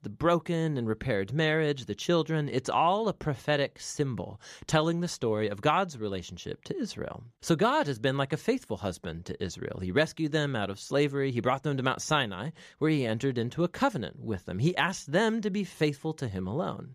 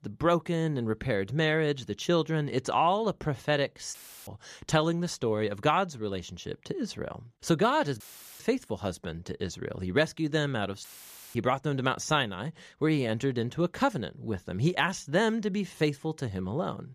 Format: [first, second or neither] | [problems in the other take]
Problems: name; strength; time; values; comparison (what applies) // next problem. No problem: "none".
first | audio cutting out; filled with static; at 4 s, at 8 s and at 11 s for 0.5 s